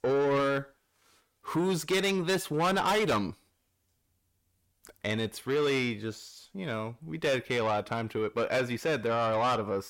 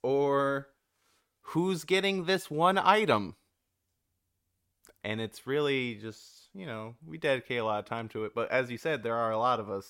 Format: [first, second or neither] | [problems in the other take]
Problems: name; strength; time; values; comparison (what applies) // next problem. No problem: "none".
second | distortion; heavy; 7 dB below the speech